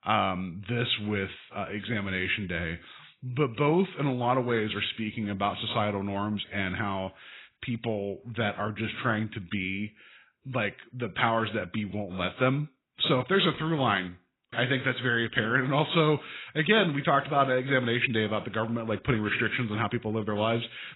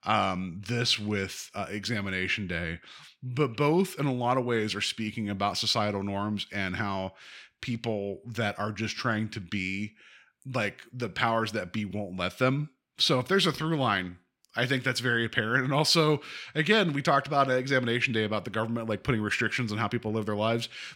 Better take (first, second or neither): second